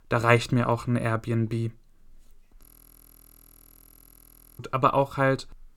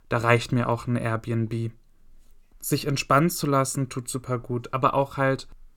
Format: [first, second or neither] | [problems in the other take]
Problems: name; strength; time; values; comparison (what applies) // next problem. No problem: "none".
second | audio freezing; at 2.5 s for 2 s